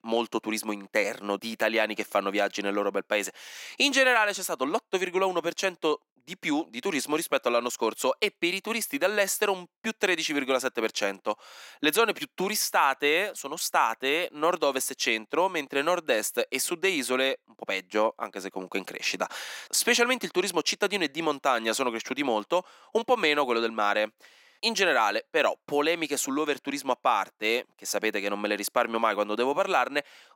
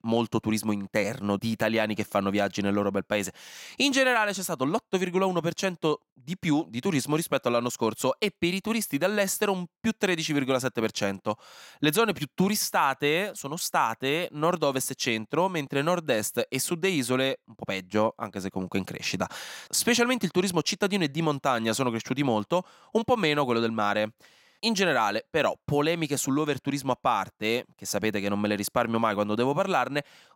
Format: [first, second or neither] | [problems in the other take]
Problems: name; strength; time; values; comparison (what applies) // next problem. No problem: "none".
second | thin; somewhat; fading below 300 Hz